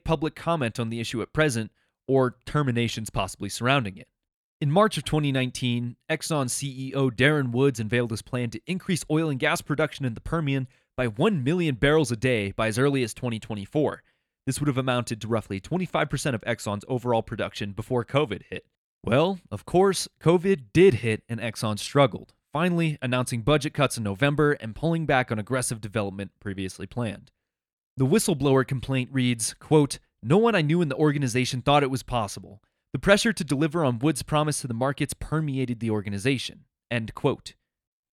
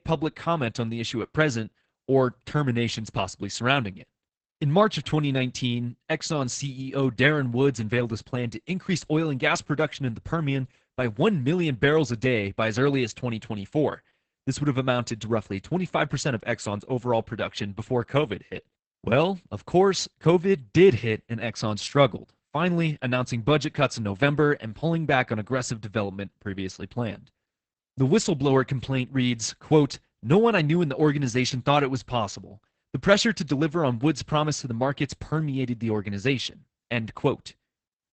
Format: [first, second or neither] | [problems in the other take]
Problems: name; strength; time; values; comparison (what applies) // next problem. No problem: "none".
first | garbled, watery; badly; nothing above 8 kHz